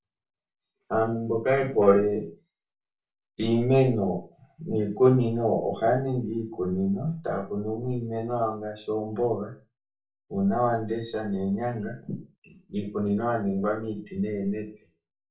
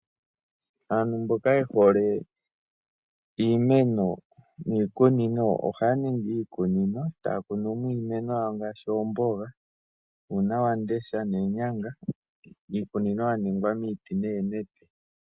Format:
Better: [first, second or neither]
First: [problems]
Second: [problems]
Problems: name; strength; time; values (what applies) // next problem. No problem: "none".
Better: second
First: room echo; dies away in 0.3 s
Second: none